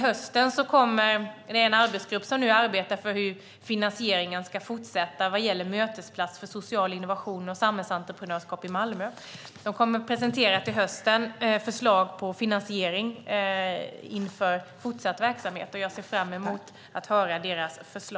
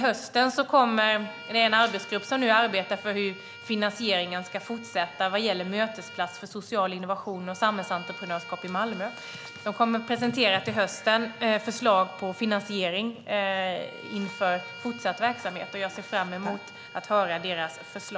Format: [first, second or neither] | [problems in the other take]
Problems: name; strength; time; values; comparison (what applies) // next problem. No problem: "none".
first | background sound (Bowed string instrument); 17 dB below the speech